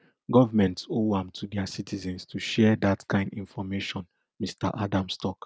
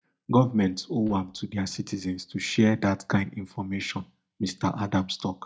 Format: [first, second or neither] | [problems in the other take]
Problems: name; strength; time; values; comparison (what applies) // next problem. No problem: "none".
first | noise reduction (neural mask model DeepFilterNet 3)